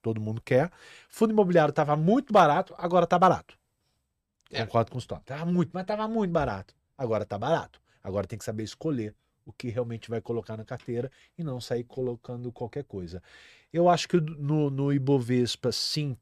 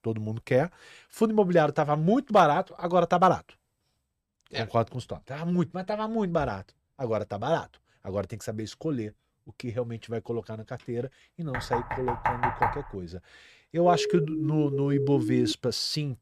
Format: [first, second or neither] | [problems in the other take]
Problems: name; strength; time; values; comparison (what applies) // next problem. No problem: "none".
first | door banging; loud; from 12 to 13 s; peak 1 dB above the speech // siren; noticeable; from 14 to 16 s; peak 2 dB below the speech